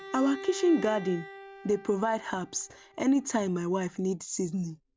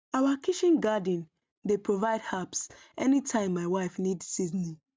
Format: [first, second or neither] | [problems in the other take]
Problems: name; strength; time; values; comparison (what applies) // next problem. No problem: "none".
second | background sound (Bowed string instrument); 16 dB below the speech